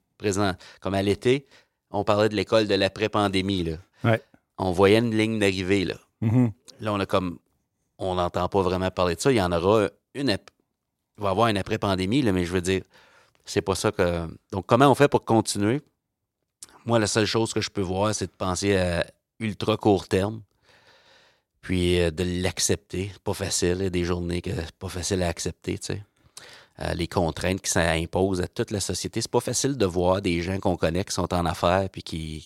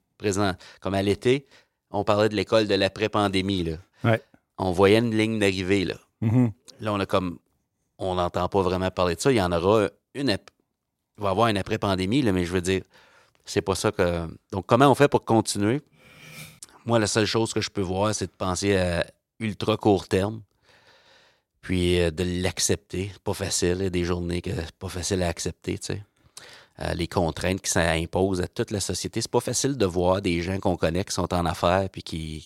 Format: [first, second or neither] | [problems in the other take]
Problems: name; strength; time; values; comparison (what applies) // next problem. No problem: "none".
first | clattering dishes; faint; at 16 s; peak 15 dB below the speech